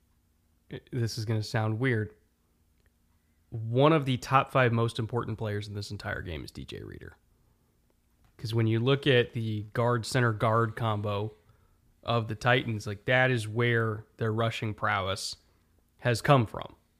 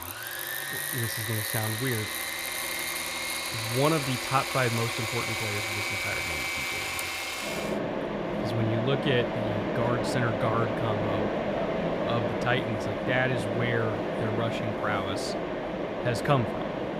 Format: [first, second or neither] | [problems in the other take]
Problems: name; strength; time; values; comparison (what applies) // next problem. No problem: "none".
first | machinery noise; very loud; throughout; 1 dB above the speech